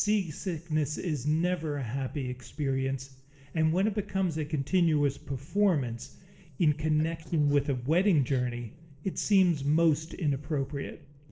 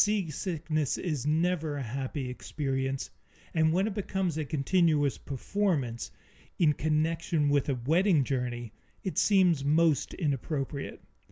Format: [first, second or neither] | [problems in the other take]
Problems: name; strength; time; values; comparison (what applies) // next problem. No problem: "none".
second | noise reduction (neural separator model SepFormer DNS4)